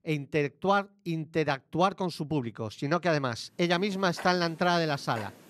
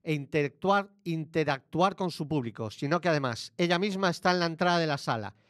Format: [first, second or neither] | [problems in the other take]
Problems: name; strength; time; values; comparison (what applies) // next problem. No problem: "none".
second | household noises; noticeable; from 4 s on; 20 dB below the speech